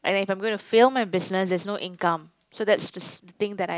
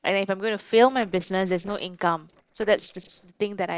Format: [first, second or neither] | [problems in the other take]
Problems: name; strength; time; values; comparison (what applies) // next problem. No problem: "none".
first | noise reduction (neural separator model SepFormer DNS4)